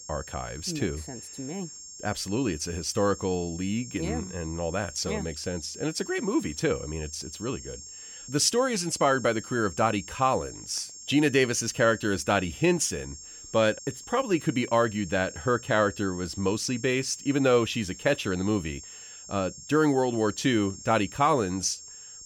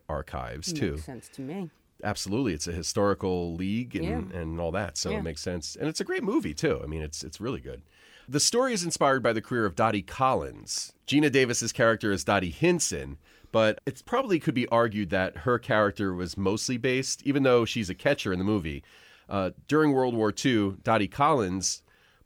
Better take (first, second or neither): second